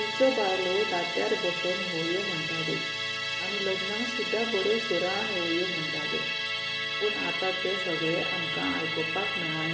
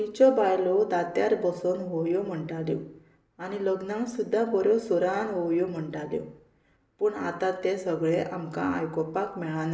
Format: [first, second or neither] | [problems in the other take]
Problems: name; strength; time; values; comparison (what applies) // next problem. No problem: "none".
second | background sound (Musical instrument); as loud as the speech